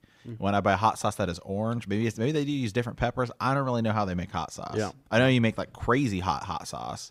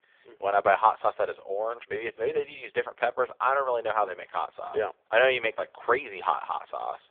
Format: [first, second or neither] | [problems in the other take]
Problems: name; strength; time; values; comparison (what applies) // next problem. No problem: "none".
first | phone-call audio; poor line; nothing above 3.5 kHz